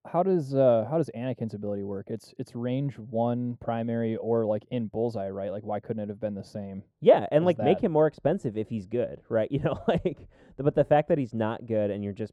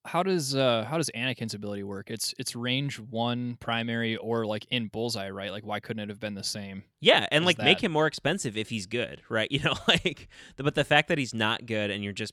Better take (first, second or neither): second